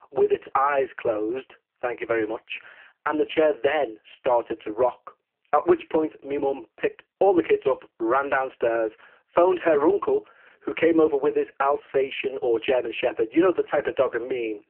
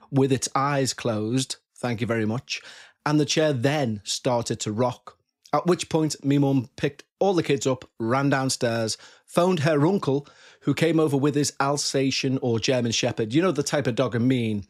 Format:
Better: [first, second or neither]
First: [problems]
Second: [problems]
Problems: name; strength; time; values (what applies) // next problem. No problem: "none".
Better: second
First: phone-call audio; poor line; nothing above 3 kHz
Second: none